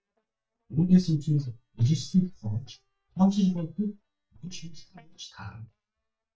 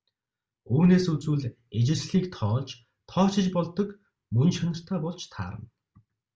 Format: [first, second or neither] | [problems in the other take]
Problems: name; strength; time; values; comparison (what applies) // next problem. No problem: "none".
second | noise reduction (neural mask model DeepFilterNet 3)